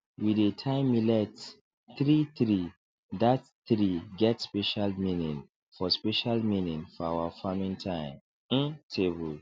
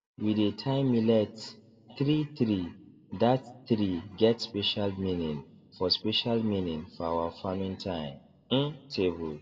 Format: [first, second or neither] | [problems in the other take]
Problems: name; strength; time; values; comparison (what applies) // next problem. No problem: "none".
first | room echo; dies away in 0.4 s